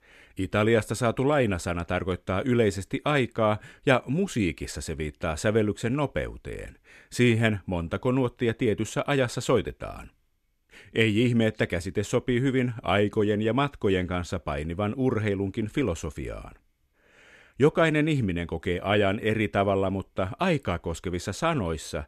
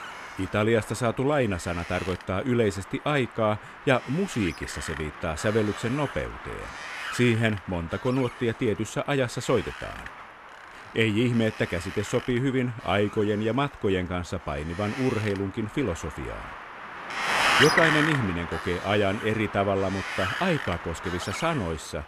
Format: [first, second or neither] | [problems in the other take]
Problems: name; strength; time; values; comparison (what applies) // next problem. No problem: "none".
first | wind noise on the microphone; heavy; 2 dB below the speech